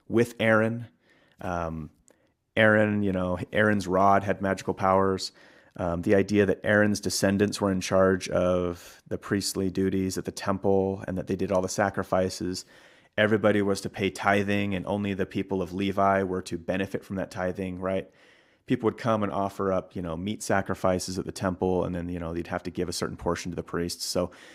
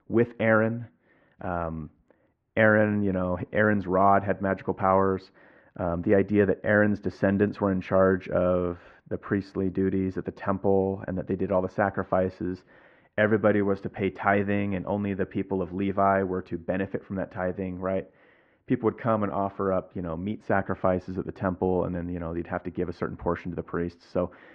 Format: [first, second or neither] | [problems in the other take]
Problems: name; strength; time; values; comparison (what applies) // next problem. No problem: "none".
first | muffled; very; fading above 2 kHz